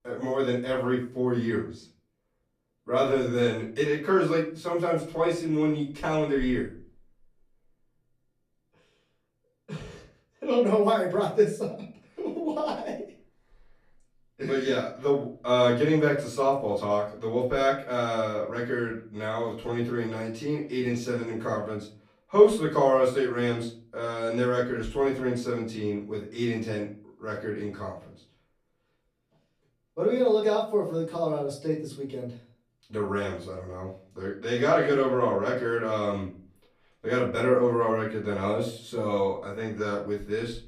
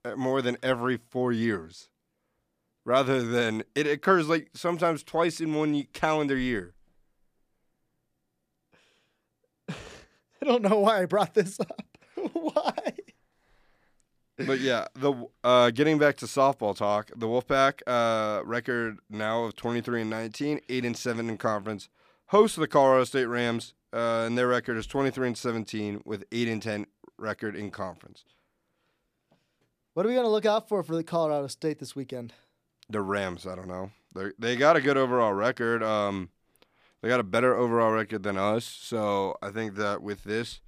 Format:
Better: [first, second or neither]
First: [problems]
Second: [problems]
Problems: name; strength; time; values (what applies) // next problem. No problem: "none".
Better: second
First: off-mic speech; far // room echo; slight; dies away in 0.3 s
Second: none